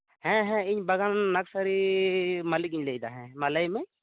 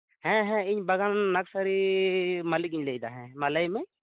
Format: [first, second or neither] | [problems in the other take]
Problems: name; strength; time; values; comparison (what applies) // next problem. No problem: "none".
first | noise reduction (neural mask model Resemble Enhance denoiser)